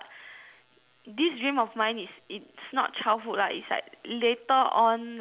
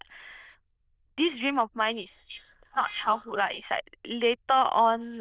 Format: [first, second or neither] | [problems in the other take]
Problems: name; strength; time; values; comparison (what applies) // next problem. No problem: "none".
first | noise reduction (neural diffusion model UNIVERSE++)